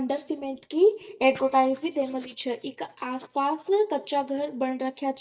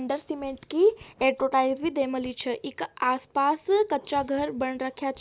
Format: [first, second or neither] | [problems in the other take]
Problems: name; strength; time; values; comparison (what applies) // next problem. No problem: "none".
second | noise reduction (neural mask model DeepFilterNet 3)